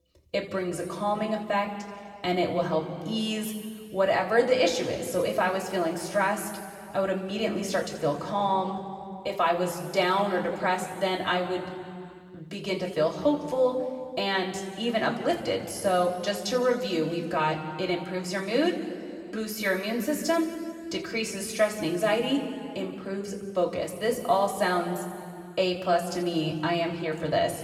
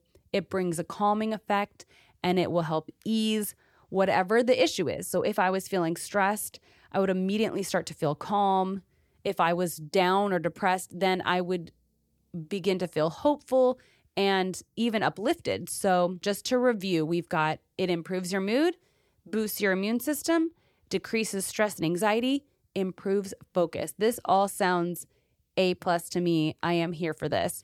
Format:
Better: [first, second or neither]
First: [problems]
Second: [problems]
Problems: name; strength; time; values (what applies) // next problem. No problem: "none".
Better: second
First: room echo; noticeable; dies away in 2 s // off-mic speech; somewhat distant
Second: none